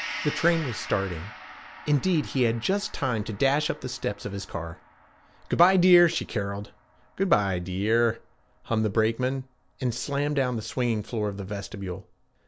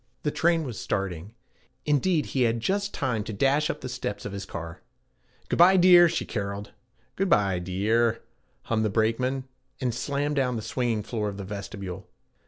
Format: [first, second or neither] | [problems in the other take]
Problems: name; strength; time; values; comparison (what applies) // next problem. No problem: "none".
second | background sound (Gong); 18 dB below the speech